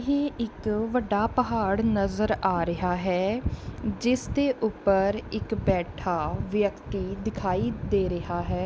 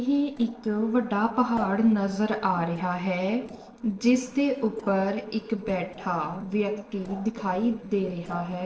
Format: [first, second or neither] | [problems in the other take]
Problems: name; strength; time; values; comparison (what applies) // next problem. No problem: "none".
first | noise reduction (neural separator model SepFormer DNS4)